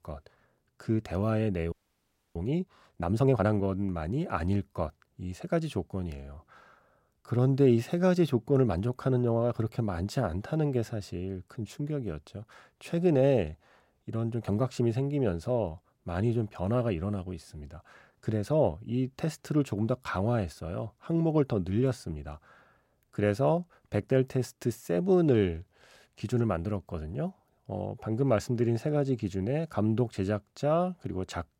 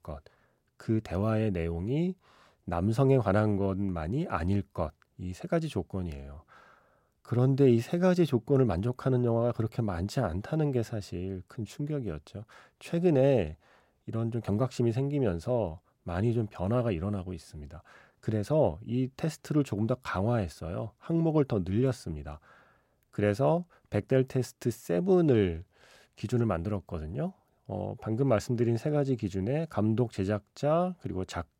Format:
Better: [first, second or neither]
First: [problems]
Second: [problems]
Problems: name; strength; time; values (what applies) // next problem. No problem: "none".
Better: second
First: audio freezing; at 1.5 s for 0.5 s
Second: none